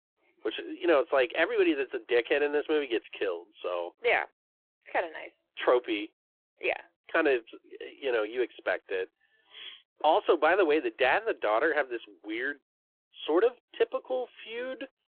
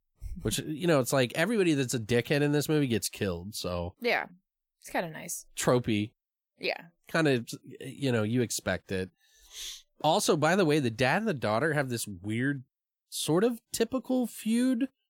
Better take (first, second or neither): second